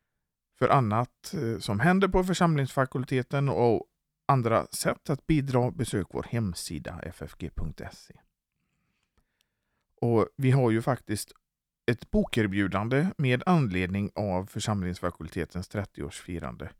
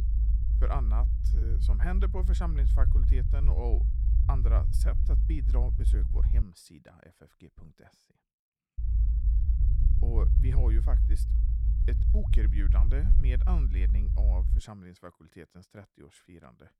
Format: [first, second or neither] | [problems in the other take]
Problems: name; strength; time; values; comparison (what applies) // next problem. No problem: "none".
first | low rumble; loud; until 6.5 s and from 9 to 15 s; 4 dB below the speech